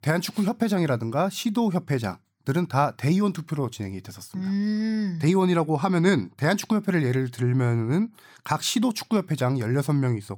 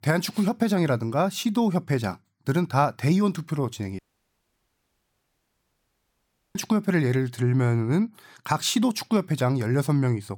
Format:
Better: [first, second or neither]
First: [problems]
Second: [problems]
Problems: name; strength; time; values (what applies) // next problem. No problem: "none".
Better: first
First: none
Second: audio cutting out; at 4 s for 2.5 s